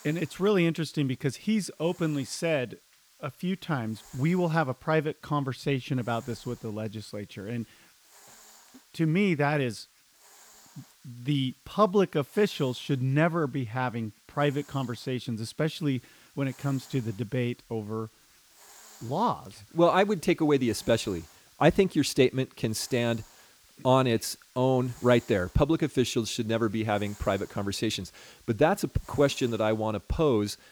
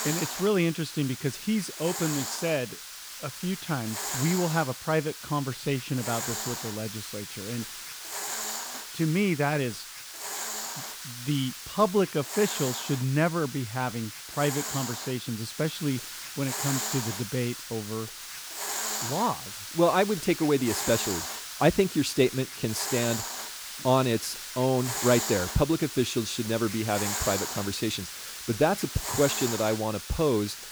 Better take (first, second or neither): first